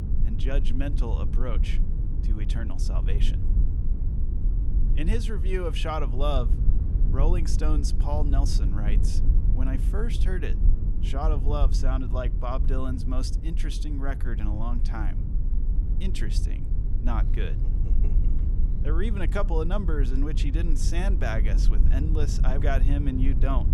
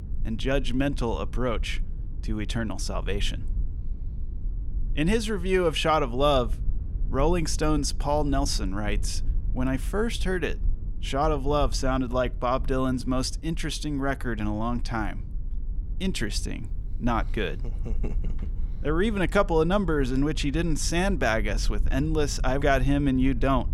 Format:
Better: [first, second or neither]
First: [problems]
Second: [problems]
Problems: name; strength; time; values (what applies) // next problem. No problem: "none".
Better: second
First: low rumble; loud; throughout; 9 dB below the speech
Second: low rumble; faint; throughout; 25 dB below the speech